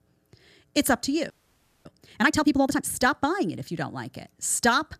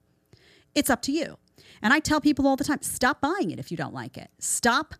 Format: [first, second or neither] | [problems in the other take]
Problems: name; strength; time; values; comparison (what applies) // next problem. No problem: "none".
second | audio freezing; at 1.5 s for 0.5 s